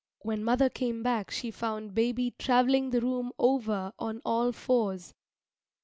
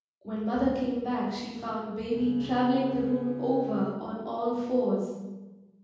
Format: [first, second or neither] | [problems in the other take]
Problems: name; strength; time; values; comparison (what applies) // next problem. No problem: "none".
first | background sound (Bowed string instrument); 13 dB below the speech // room echo; dies away in 1.3 s